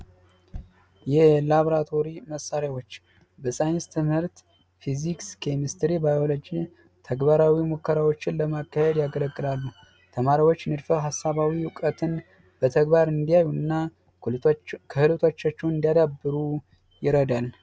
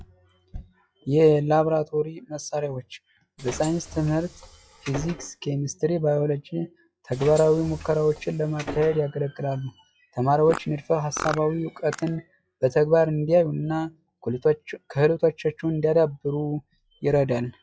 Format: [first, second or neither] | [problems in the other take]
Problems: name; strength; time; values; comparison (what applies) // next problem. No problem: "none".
first | noise reduction (classical method log-MMSE)